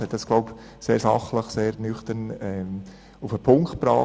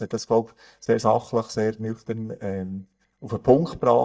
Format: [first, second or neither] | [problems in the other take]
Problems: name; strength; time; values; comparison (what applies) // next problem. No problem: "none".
first | noise reduction (neural mask model DeepFilterNet 3)